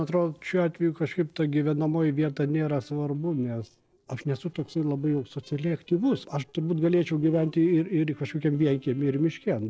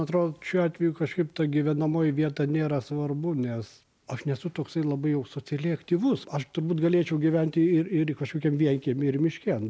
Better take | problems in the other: second | noise reduction (neural separator model SepFormer DNS4)

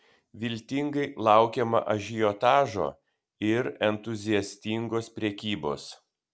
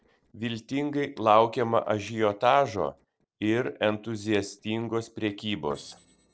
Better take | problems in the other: first | noise reduction (neural separator model SepFormer DNS4)

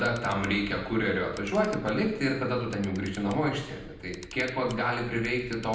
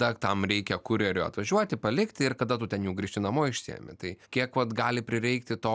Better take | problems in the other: second | background sound (Camera); 19 dB below the speech // room echo; dies away in 0.8 s

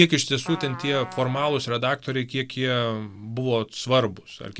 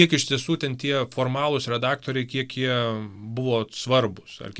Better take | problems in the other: second | background sound (Trumpet); 15 dB below the speech

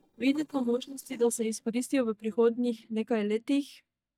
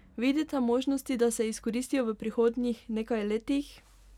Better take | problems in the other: second | noise reduction (neural mask model DeepFilterNet 3)

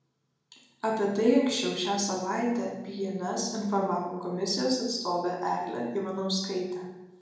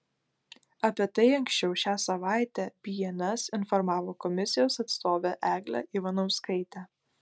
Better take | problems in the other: second | room echo; dies away in 0.9 s

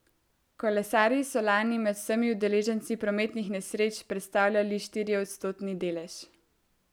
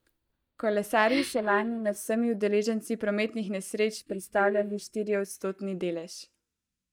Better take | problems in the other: first | noise reduction (neural mask model DeepFilterNet 3)

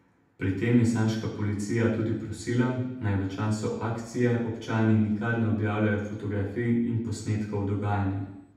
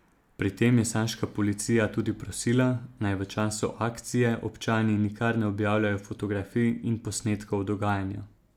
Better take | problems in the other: second | room echo; dies away in 0.8 s

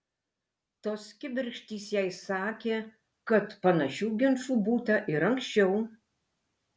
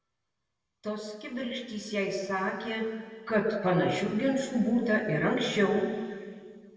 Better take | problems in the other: first | room echo; dies away in 1.9 s

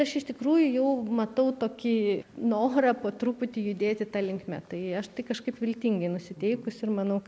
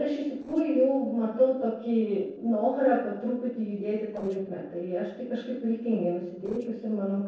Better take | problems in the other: first | noise reduction (neural separator model SepFormer DNS4)

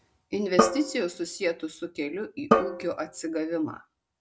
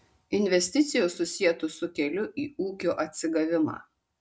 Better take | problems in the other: second | background sound (Drum); 1 dB above the speech

